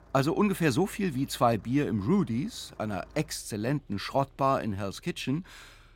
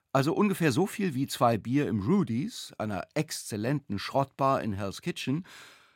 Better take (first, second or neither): second